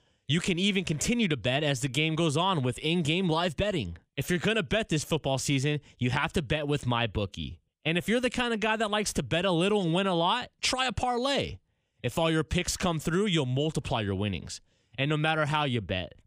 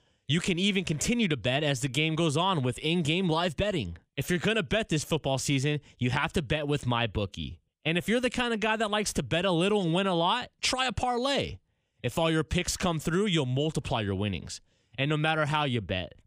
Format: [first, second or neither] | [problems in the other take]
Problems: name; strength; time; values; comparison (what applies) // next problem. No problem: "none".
neither | none